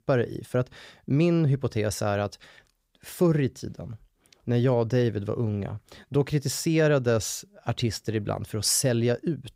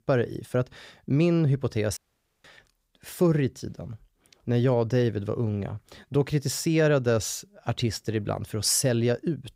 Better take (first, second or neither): first